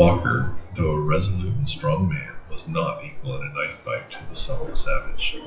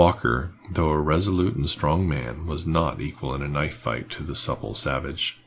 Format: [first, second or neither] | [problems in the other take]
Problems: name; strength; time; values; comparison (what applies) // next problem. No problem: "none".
second | noise reduction (classical method WPE with log-MMSE)